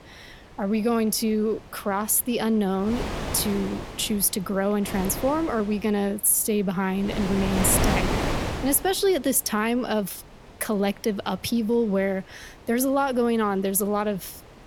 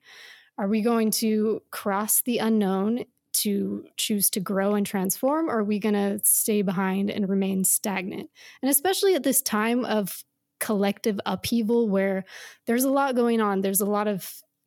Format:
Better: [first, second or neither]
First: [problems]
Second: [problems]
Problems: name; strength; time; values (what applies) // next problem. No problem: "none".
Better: second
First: wind noise on the microphone; heavy; 5 dB below the speech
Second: none